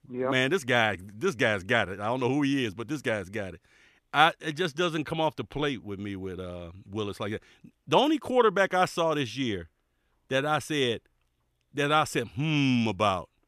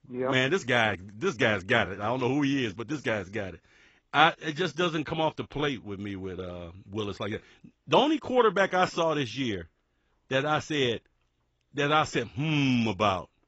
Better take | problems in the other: first | garbled, watery; badly; nothing above 7.5 kHz

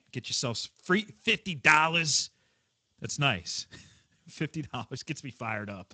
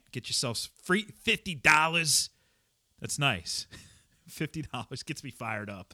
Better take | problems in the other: second | garbled, watery; slightly; nothing above 7.5 kHz

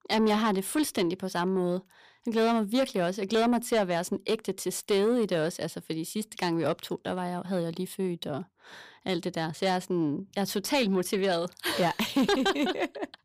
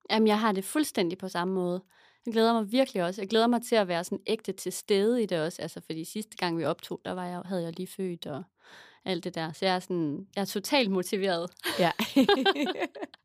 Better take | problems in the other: second | distortion; slight; 10 dB below the speech

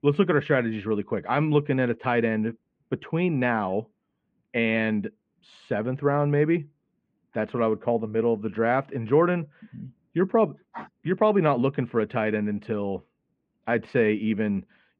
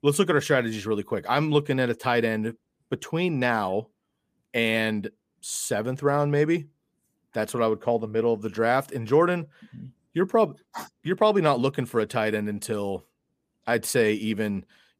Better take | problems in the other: second | muffled; very; fading above 2.5 kHz

